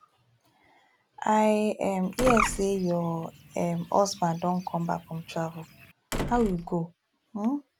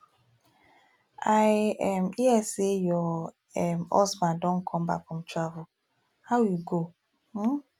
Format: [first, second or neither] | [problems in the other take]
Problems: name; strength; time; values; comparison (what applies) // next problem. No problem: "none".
second | background sound (Slam + Bird); 8 dB below the speech